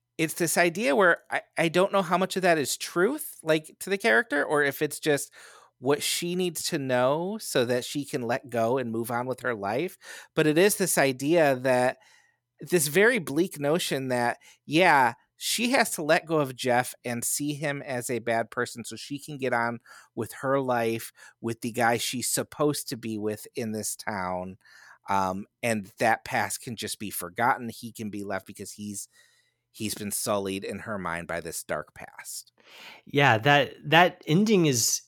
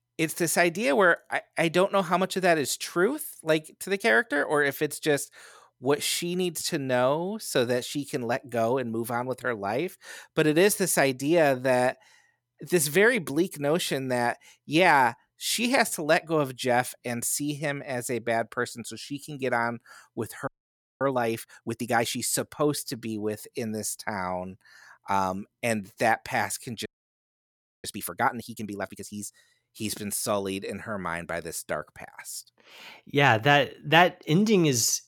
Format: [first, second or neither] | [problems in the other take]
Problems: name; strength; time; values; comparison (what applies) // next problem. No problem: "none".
first | audio freezing; at 20 s for 0.5 s and at 27 s for 1 s